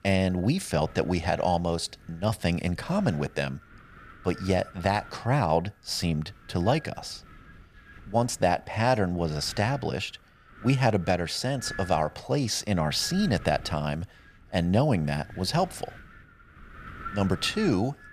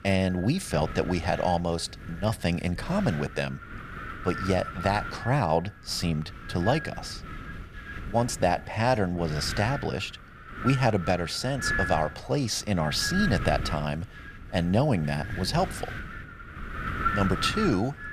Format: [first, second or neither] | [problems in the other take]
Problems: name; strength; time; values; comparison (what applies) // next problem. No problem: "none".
first | wind noise on the microphone; heavy; 5 dB below the speech; occasional gusts in the first